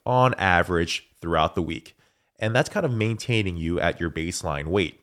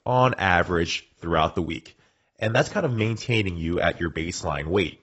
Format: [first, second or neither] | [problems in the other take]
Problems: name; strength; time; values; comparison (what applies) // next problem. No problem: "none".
first | garbled, watery; badly; nothing above 8 kHz